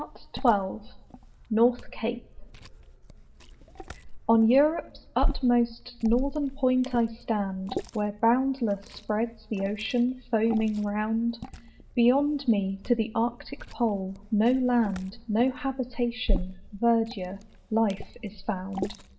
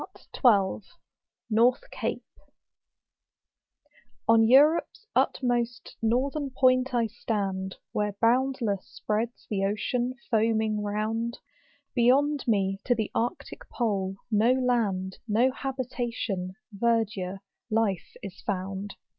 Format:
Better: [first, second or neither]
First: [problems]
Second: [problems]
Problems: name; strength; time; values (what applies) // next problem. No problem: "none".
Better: second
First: background sound (Liquid); 9 dB below the speech // room echo; dies away in 0.5 s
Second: none